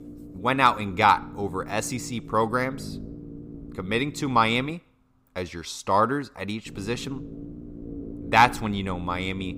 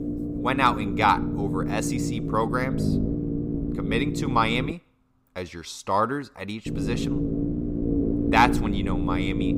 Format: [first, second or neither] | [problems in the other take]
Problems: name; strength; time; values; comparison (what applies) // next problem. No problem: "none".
first | low rumble; loud; until 4.5 s and from 6.5 s on; 8 dB below the speech; faint in the first